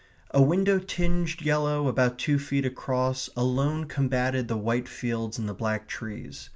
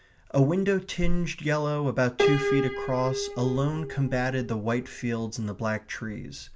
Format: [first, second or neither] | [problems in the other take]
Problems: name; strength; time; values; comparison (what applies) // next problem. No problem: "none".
first | background sound (Piano); 5 dB below the speech